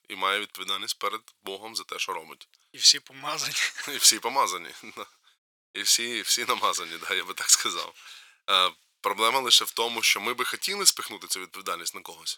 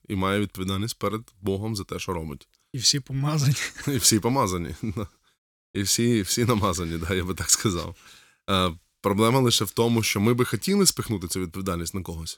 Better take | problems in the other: second | thin; very; fading below 800 Hz

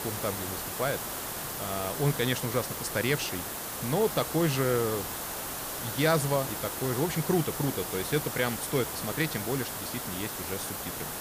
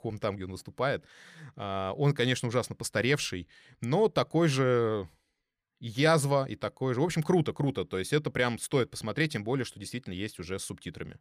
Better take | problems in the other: second | hiss; loud; throughout; 3 dB below the speech

